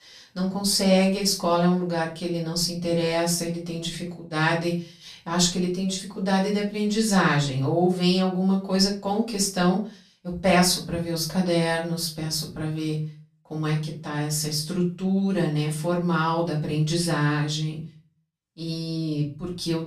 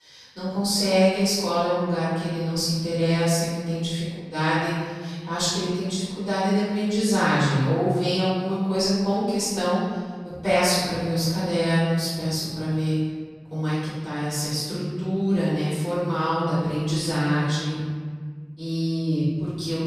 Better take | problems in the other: first | room echo; strong; dies away in 1.7 s; slight in the first // off-mic speech; far; far in the first

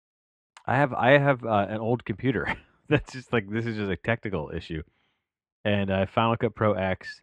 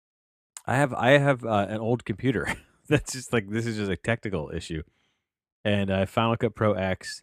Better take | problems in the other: second | muffled; slightly; fading above 3 kHz

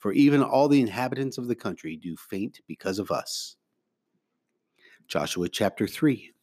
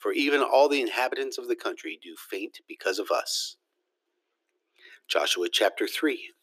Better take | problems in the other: first | thin; somewhat; fading below 350 Hz

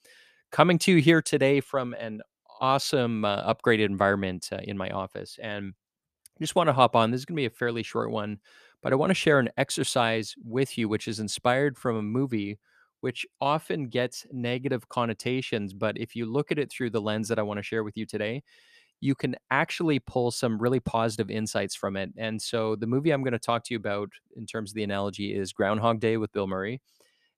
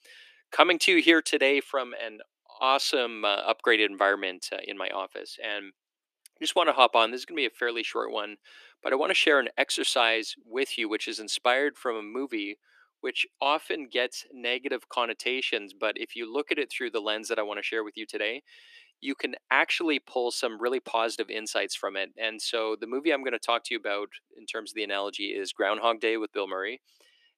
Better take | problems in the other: first | thin; somewhat; fading below 300 Hz

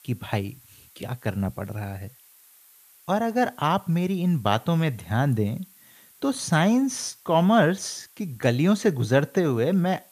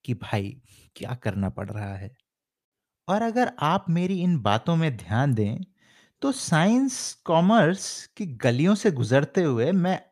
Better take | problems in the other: second | hiss; faint; throughout; 25 dB below the speech

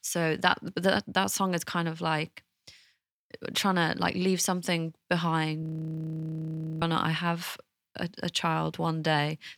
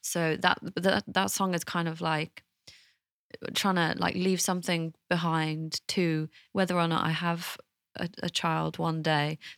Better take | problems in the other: second | audio freezing; at 5.5 s for 1 s

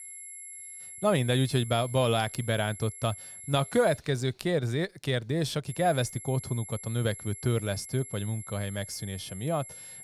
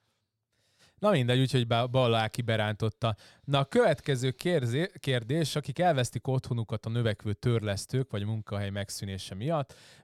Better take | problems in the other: second | high-pitched whine; noticeable; until 4 s and from 5.5 s on; 11 kHz, 10 dB below the speech

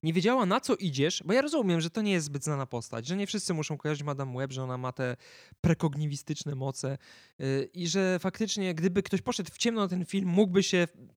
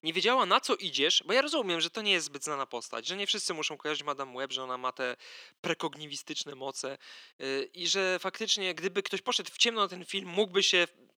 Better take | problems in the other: first | thin; somewhat; fading below 300 Hz

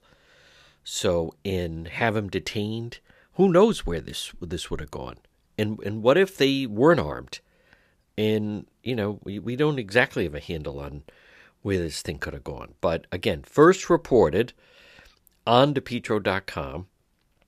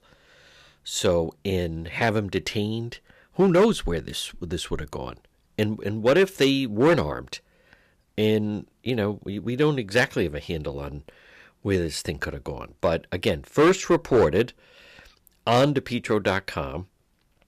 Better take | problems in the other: first | distortion; slight; 2% of the sound clipped

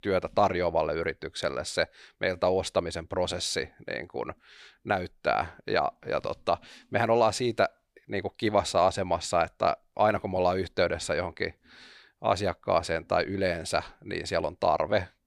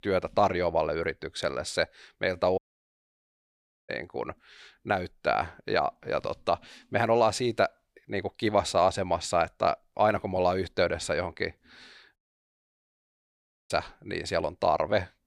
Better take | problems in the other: first | audio cutting out; at 2.5 s for 1.5 s and at 12 s for 1.5 s

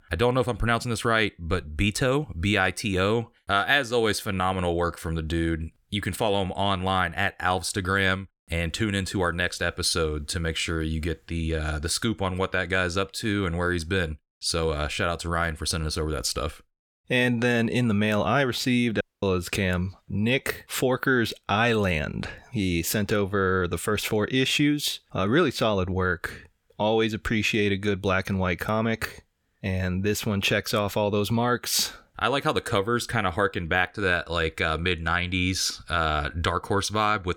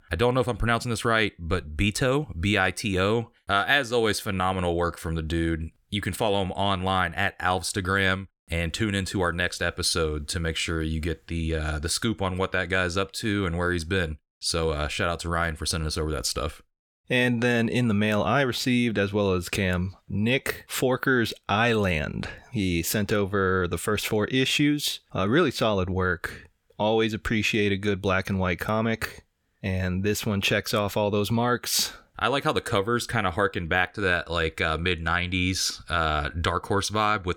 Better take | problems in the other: second | audio cutting out; at 19 s

